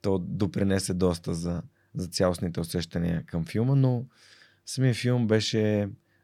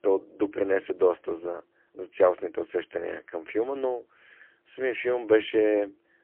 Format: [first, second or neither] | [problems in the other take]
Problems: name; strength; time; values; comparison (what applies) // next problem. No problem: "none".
first | phone-call audio; poor line; nothing above 3 kHz